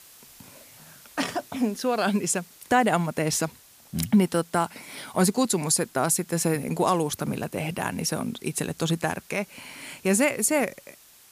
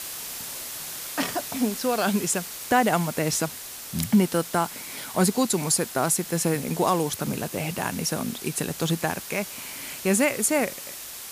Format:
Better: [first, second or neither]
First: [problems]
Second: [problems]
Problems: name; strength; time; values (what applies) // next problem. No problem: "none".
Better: first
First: hiss; faint; throughout; 25 dB below the speech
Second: hiss; loud; throughout; 9 dB below the speech